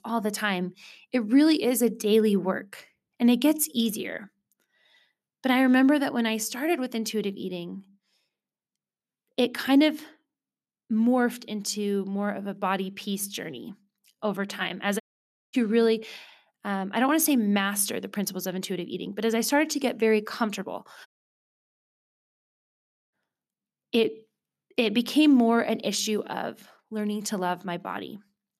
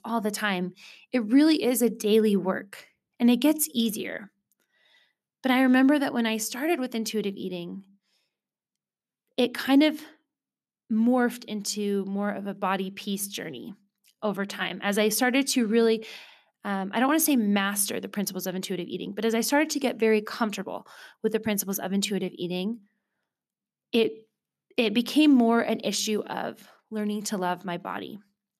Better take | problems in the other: second | audio cutting out; at 15 s for 0.5 s and at 21 s for 2 s

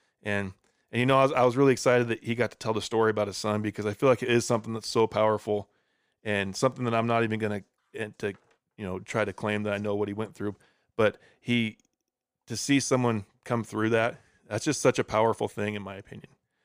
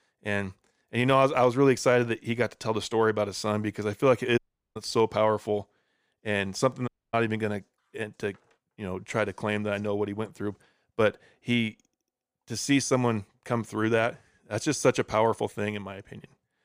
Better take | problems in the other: first | audio cutting out; at 4.5 s and at 7 s

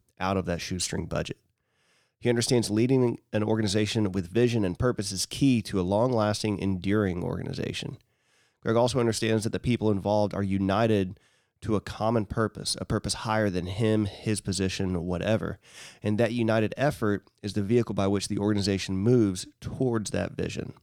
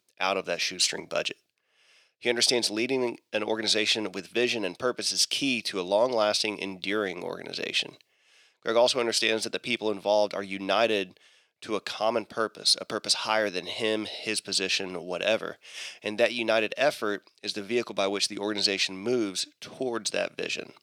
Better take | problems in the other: first | thin; somewhat; fading below 400 Hz

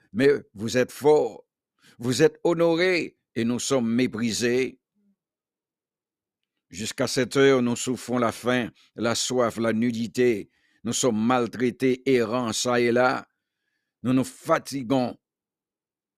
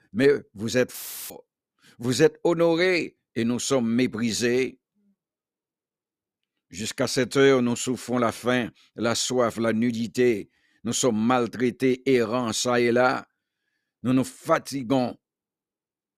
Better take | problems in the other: first | audio cutting out; filled with static; at 1 s

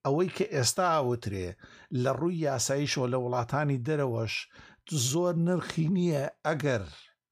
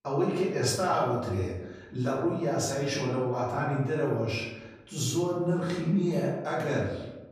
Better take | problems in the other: first | room echo; noticeable; dies away in 1 s // off-mic speech; far

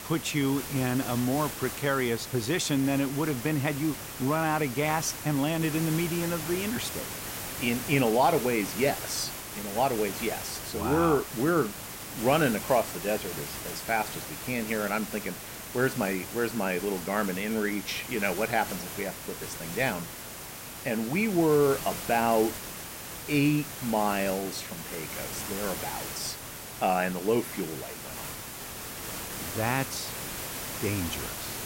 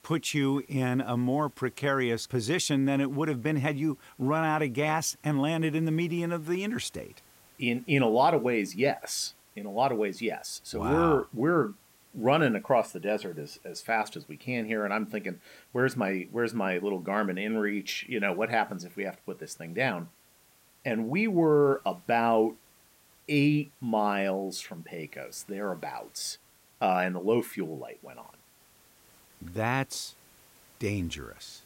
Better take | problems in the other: second | hiss; loud; throughout; 7 dB below the speech; faint in the second

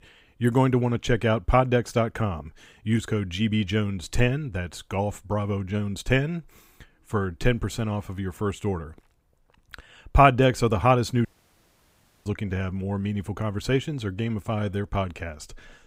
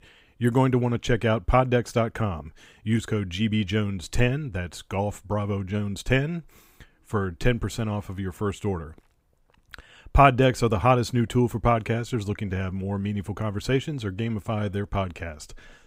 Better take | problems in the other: second | audio cutting out; at 11 s for 1 s

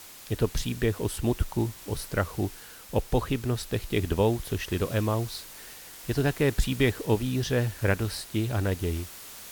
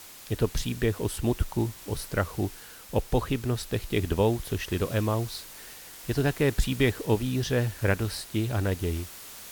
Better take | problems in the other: neither | hiss; noticeable; throughout; 15 dB below the speech; the same in both

